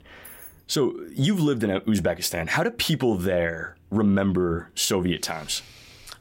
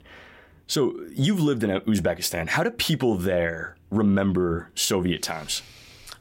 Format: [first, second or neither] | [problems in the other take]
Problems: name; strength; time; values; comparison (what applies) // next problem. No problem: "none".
second | jangling keys; faint; at the start; peak 20 dB below the speech